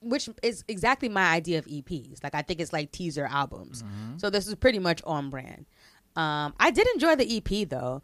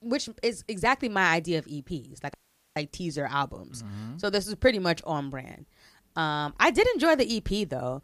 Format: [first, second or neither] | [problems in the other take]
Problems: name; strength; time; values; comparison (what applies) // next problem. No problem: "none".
first | audio cutting out; at 2.5 s